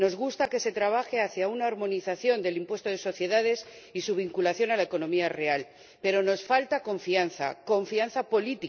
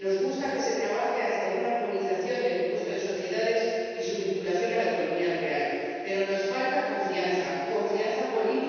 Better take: first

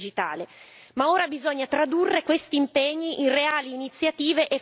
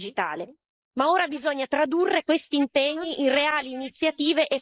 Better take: first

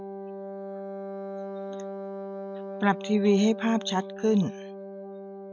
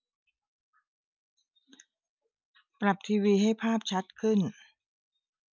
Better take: second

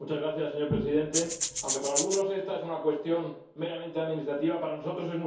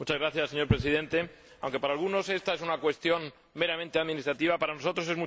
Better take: second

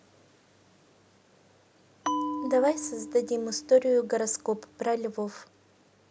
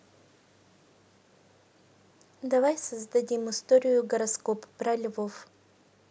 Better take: second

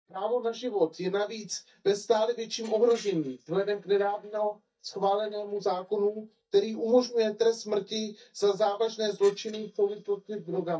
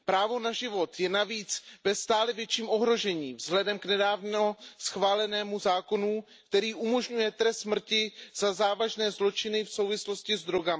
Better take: second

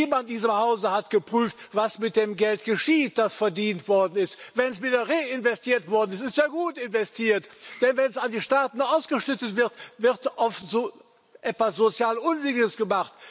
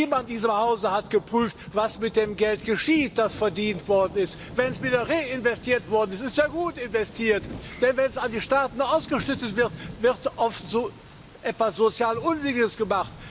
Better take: first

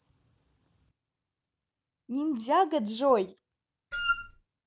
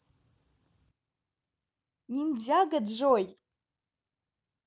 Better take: second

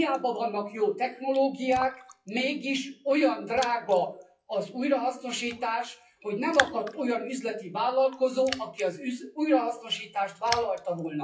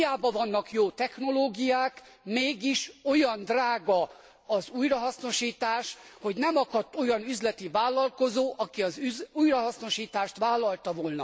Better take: second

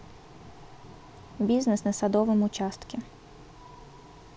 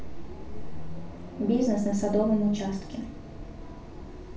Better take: first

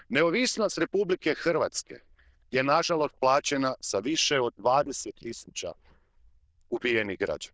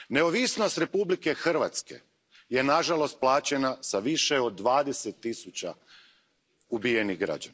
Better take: second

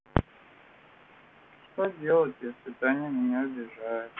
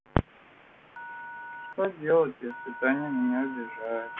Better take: first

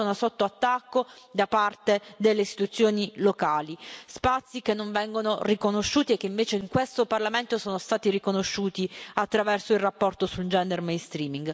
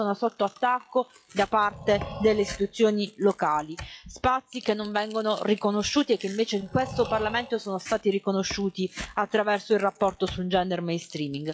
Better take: first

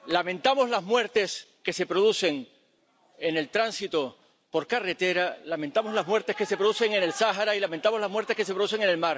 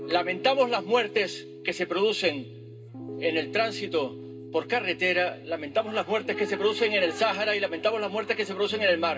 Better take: first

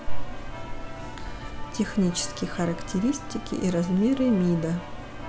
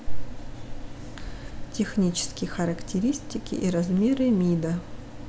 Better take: second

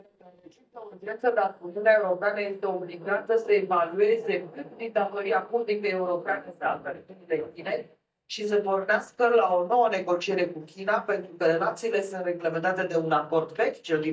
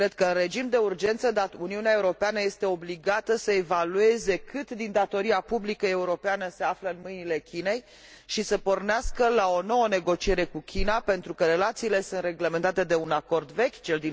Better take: second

